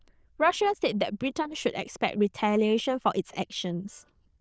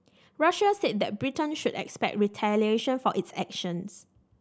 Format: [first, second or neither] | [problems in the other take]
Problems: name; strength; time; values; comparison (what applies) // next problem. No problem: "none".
second | noise reduction (neural diffusion model UNIVERSE++)